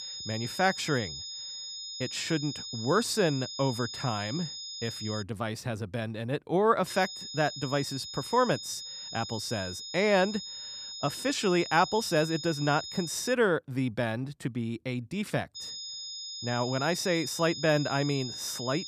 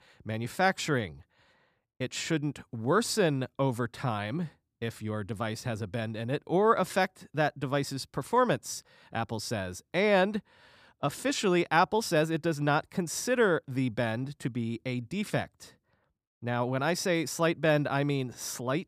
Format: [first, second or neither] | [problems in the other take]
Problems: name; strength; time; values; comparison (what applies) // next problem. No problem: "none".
second | high-pitched whine; loud; until 5 s, from 7 to 13 s and from 16 s on; 5 kHz, 8 dB below the speech